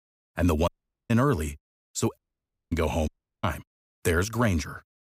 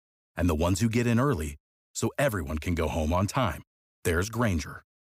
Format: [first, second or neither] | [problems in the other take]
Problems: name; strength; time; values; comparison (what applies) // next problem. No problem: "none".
second | audio cutting out; at 0.5 s, at 2 s for 0.5 s and at 3 s